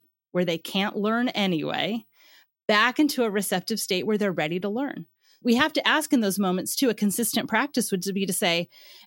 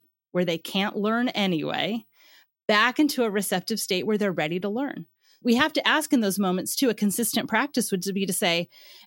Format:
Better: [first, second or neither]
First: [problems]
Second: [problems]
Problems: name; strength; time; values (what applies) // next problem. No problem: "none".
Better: neither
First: none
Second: none